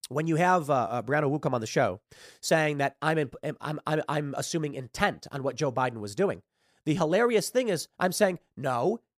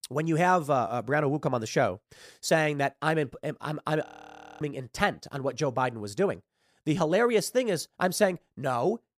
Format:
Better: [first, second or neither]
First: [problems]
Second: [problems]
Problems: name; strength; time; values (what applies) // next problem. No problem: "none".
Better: first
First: none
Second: audio freezing; at 4 s for 0.5 s